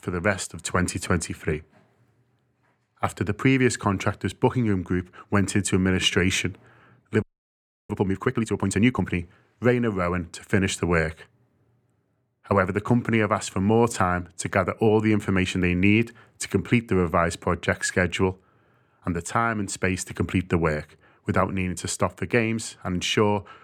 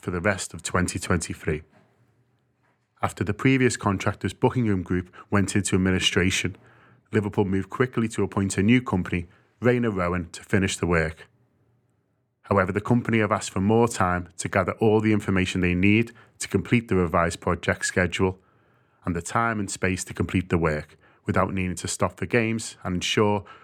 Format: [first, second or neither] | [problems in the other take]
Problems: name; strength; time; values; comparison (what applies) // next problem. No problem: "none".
second | audio freezing; at 7 s for 0.5 s